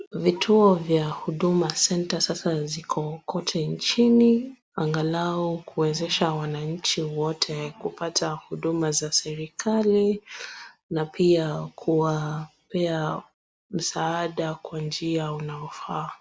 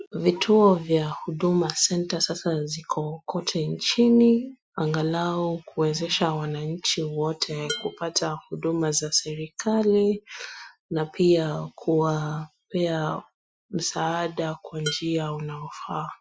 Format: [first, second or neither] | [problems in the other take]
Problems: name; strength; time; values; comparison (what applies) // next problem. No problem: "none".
first | noise reduction (classical method Wiener filter)